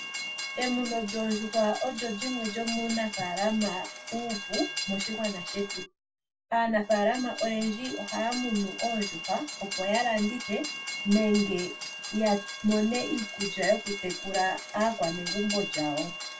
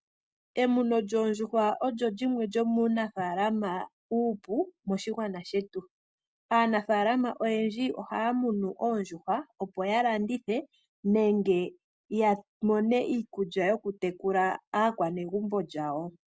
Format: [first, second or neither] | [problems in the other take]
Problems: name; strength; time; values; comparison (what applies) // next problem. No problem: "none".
second | background sound (Train); 7 dB below the speech // room echo; dies away in 0.1 s